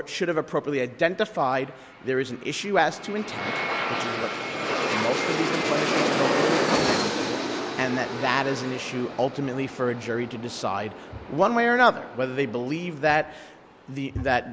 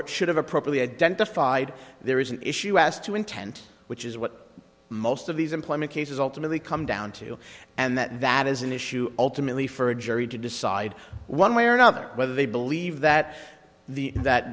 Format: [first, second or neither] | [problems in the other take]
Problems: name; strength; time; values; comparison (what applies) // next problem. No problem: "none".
second | background sound (Aircraft); 3 dB below the speech